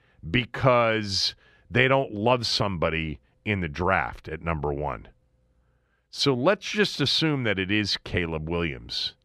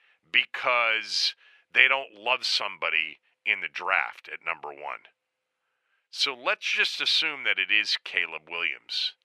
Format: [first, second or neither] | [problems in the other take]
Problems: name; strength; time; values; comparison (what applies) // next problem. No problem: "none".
first | thin; very; fading below 850 Hz